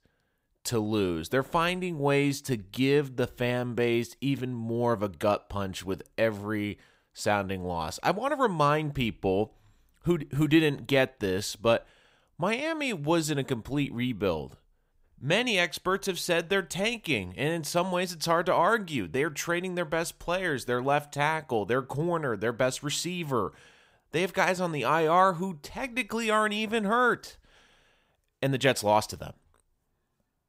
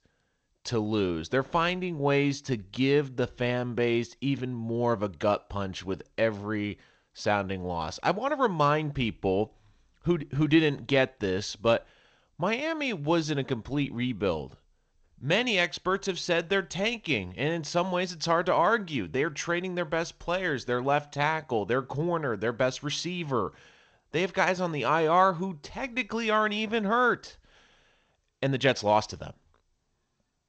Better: first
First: none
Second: garbled, watery; slightly

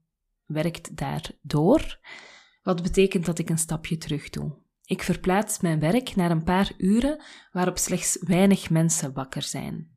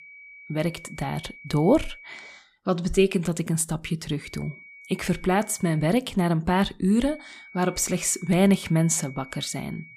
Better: first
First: none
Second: high-pitched whine; noticeable; until 2.5 s, from 4 to 6 s and from 7 s on; 2.5 kHz, 20 dB below the speech

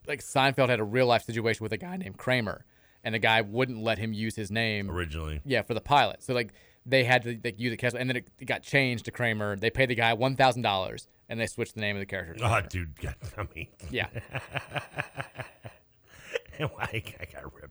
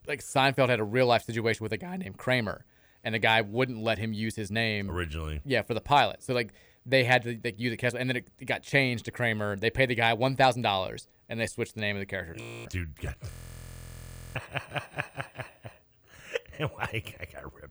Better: first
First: none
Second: audio freezing; at 12 s and at 13 s for 1 s

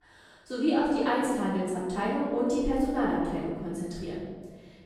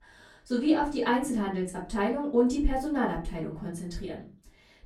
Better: second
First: room echo; strong; dies away in 1.4 s // off-mic speech; far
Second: room echo; slight; dies away in 0.3 s // off-mic speech; far

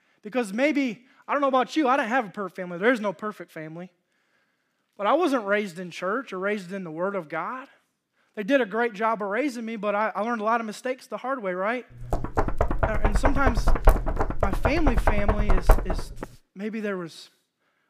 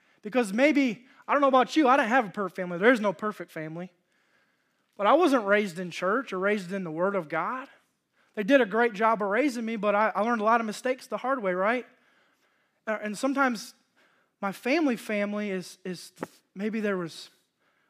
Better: second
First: door banging; loud; from 12 to 16 s; peak 4 dB above the speech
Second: none

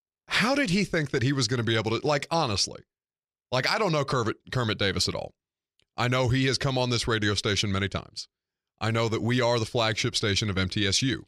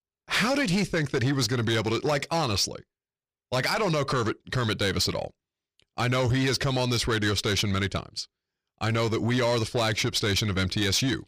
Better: first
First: none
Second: distortion; slight; 10 dB below the speech

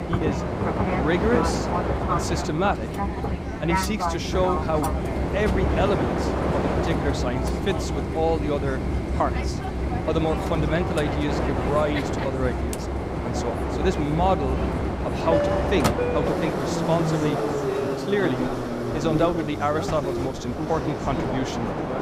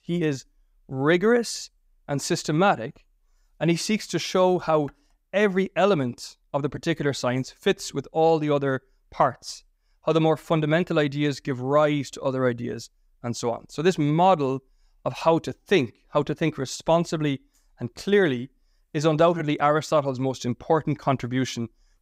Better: second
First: train or aircraft noise; very loud; throughout; 1 dB above the speech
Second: none

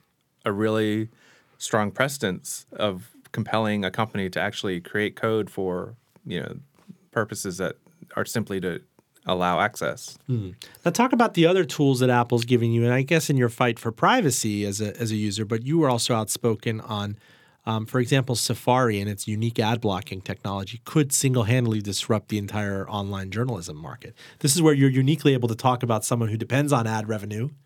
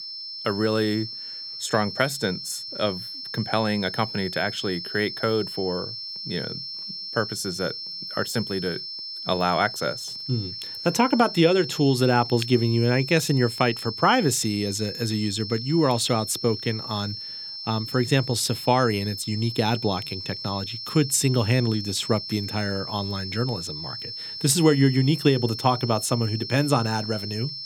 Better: first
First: none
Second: high-pitched whine; loud; throughout; 5.5 kHz, 8 dB below the speech

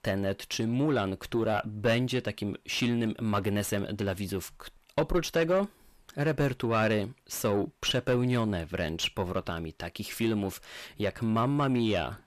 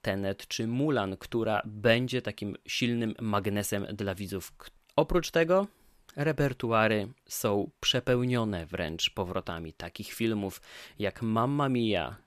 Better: second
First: distortion; slight; 10 dB below the speech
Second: none

